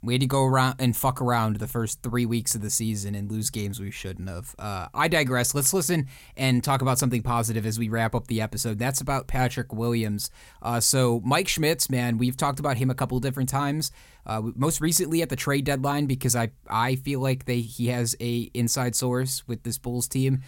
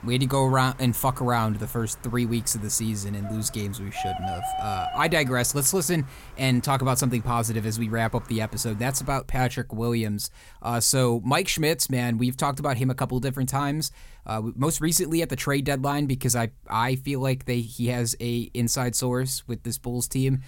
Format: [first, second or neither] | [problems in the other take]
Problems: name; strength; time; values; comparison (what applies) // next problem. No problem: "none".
first | animal sounds; noticeable; throughout; 15 dB below the speech